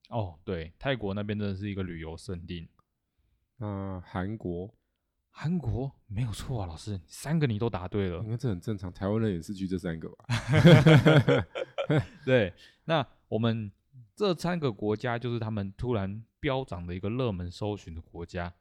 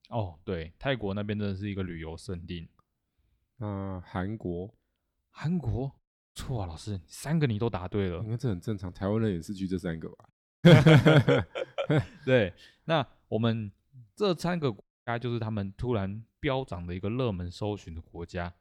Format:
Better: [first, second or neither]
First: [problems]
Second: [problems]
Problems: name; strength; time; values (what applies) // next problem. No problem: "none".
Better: first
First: none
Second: audio cutting out; at 6 s, at 10 s and at 15 s